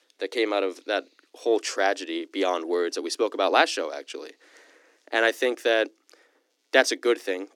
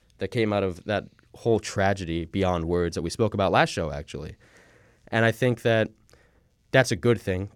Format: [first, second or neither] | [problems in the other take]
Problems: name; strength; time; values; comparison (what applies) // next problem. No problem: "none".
second | thin; somewhat; fading below 300 Hz